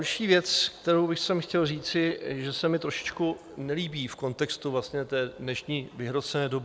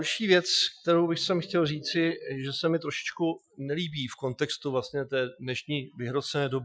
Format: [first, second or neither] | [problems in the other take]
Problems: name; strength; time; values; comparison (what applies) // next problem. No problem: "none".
first | noise reduction (classical method Wiener filter)